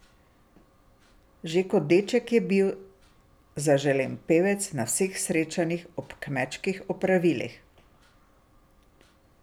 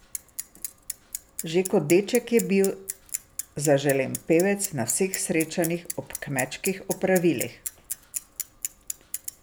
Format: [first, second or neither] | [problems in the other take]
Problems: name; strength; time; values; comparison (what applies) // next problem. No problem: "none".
first | background sound (Bicycle); 11 dB below the speech